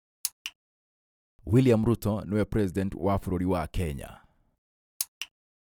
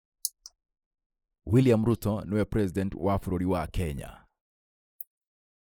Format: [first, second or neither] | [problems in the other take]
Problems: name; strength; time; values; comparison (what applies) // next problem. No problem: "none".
first | noise reduction (neural mask model Resemble Enhance denoiser)